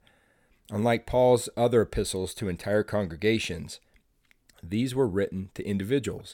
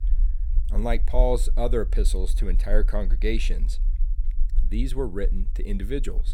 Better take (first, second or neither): first